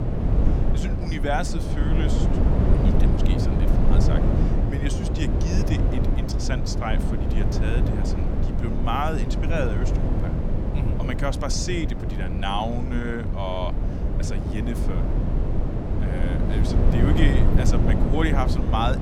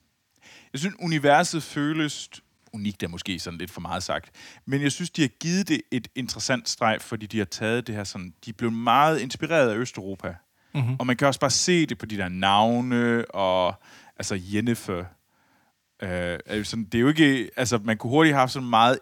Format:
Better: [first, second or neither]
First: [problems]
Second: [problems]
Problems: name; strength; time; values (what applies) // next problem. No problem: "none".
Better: second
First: wind noise on the microphone; heavy; 2 dB below the speech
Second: none